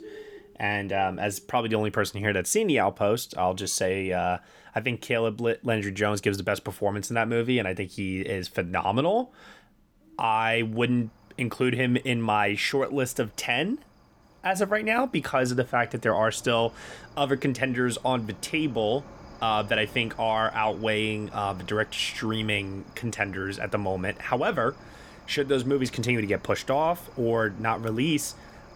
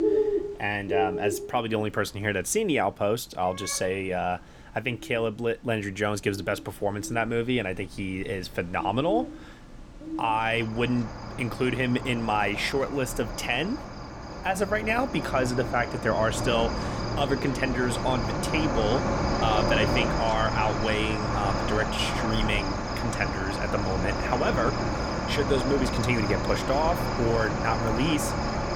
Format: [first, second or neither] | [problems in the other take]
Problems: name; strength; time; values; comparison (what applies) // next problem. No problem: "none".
first | animal sounds; loud; throughout; 2 dB below the speech; faint in the first